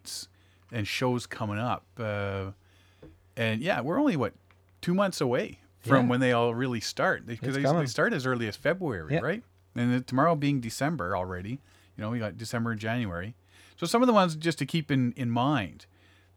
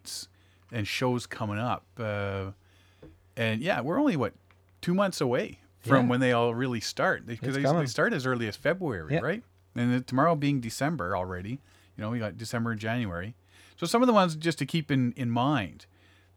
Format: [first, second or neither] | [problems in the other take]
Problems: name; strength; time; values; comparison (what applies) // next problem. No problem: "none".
neither | none